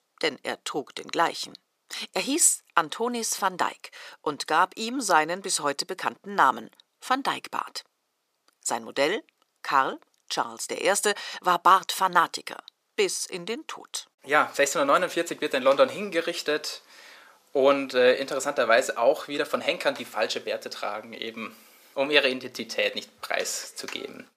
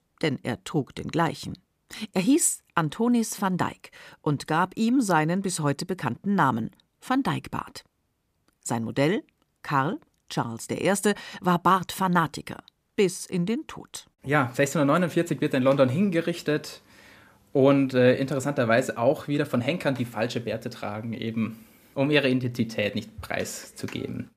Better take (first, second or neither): second